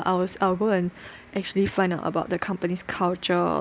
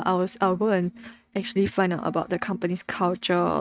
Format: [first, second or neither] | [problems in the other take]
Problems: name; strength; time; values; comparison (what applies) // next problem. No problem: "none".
first | noise reduction (neural mask model RNNoise)